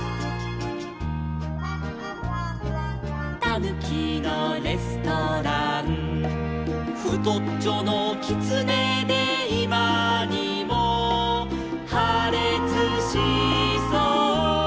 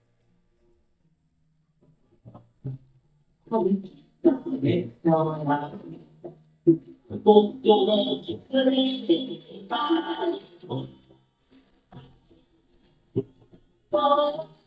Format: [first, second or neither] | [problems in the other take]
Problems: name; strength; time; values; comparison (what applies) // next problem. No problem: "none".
first | noise reduction (neural mask model DeepFilterNet 3)